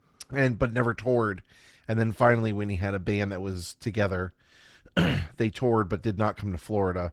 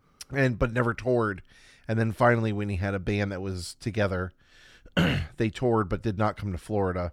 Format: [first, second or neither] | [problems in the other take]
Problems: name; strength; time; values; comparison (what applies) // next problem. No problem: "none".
second | garbled, watery; slightly